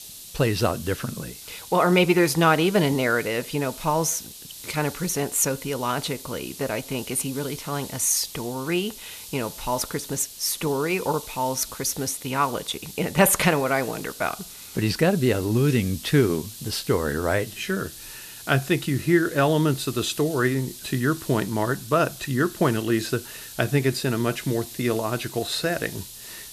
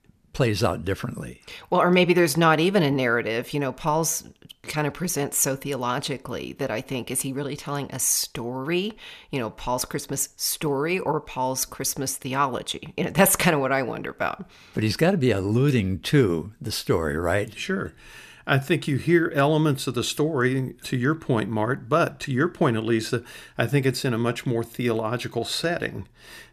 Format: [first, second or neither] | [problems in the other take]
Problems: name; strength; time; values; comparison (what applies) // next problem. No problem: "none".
second | hiss; noticeable; throughout; 15 dB below the speech